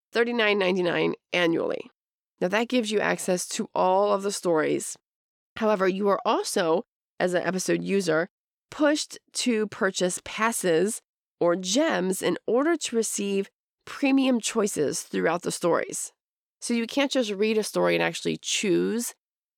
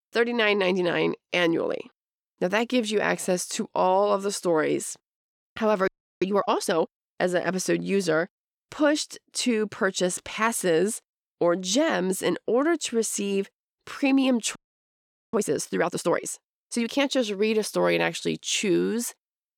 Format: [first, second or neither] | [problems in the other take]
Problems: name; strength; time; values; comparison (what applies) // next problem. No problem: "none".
first | audio freezing; at 6 s and at 15 s for 1 s